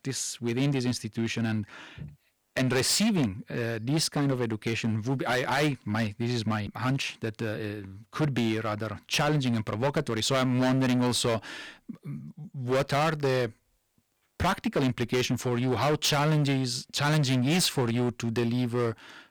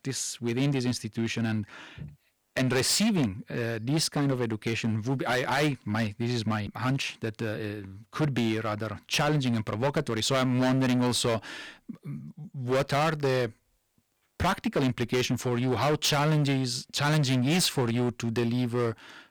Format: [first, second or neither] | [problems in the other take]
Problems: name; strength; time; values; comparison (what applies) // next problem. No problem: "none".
neither | distortion; heavy; 12% of the sound clipped; the same in both